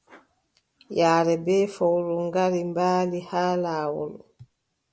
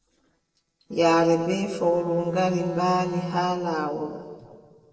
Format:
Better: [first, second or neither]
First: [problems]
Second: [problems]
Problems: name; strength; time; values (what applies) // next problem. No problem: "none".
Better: first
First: none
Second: noise reduction (neural separator model SepFormer DNS4)